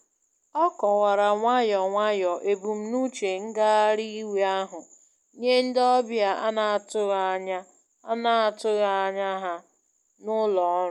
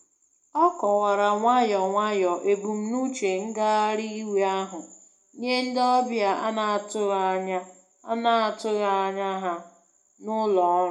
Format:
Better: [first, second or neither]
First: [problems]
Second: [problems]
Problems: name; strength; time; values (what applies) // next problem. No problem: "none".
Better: first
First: none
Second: room echo; dies away in 0.3 s